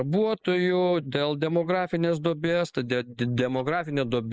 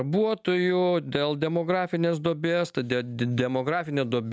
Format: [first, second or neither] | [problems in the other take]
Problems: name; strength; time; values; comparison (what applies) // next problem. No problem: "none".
second | noise reduction (neural mask model Resemble Enhance denoiser)